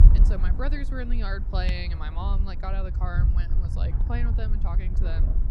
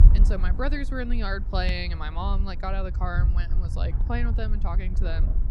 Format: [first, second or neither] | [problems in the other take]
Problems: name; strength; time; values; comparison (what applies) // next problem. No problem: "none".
second | wind noise on the microphone; heavy; 7 dB below the speech; occasional gusts in the second